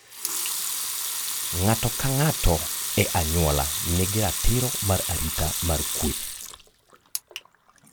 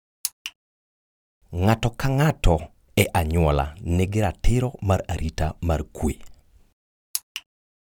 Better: second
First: background sound (Sink (filling or washing) / Water tap, faucet / Liquid); 3 dB below the speech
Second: none

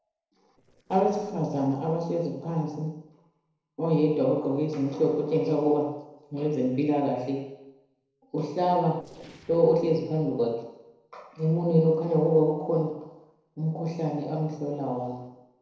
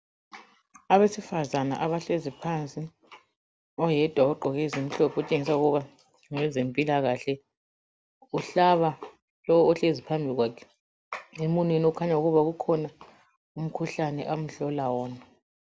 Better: second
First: noise reduction (neural separator model SepFormer DNS4)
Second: none

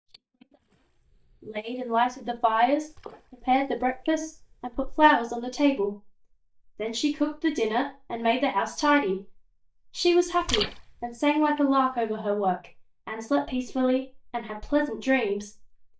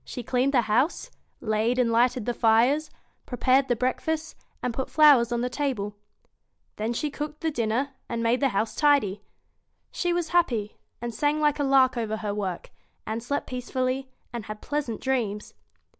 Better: second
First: noise reduction (neural mask model DeepFilterNet 3)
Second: none

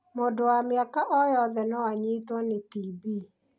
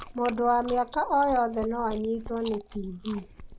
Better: first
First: none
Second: background sound (Chewing, mastication); 15 dB below the speech

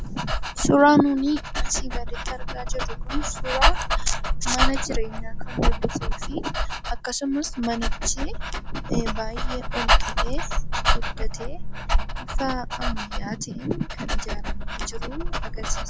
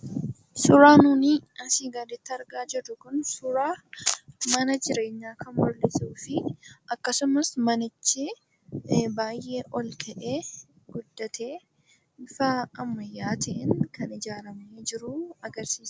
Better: second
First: background sound (Dog); 4 dB above the speech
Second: none

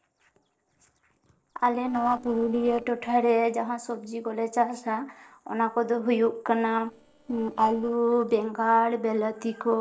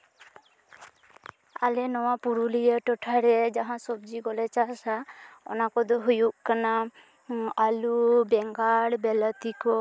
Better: second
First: noise reduction (neural separator model SepFormer DNS4)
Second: none

